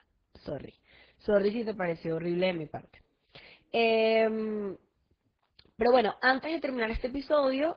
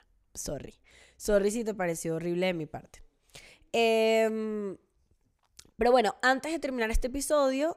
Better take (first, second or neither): second